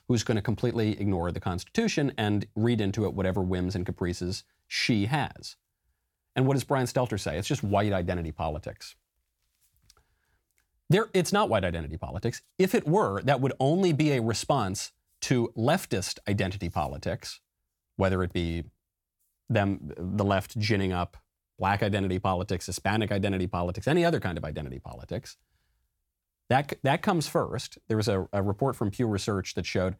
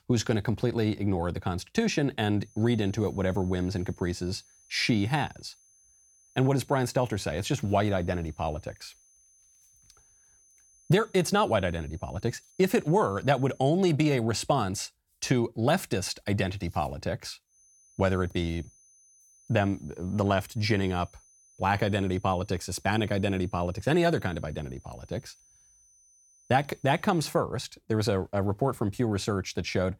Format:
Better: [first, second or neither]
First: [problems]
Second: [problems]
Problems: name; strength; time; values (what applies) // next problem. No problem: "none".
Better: first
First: none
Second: high-pitched whine; faint; from 2.5 to 14 s and from 18 to 27 s; 6 kHz, 30 dB below the speech